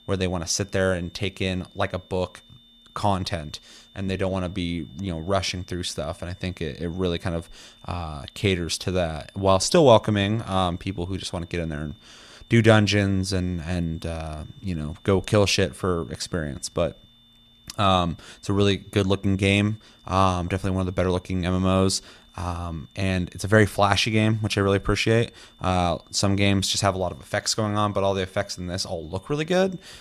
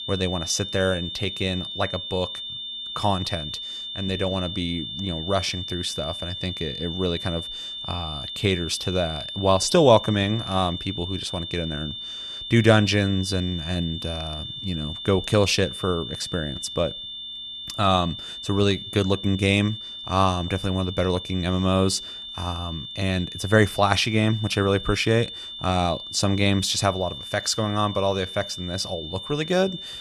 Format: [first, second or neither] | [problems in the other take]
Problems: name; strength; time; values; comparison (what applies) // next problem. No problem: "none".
first | high-pitched whine; loud; throughout; 3.5 kHz, 8 dB below the speech; faint in the first